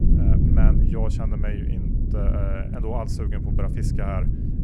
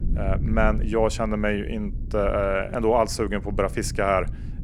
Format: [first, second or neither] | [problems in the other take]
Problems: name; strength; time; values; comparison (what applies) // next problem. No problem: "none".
second | low rumble; loud; throughout; 1 dB below the speech; faint in the second